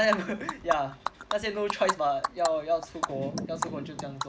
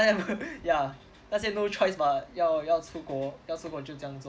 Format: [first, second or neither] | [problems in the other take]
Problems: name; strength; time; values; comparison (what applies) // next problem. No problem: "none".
second | background sound (Animal); 5 dB below the speech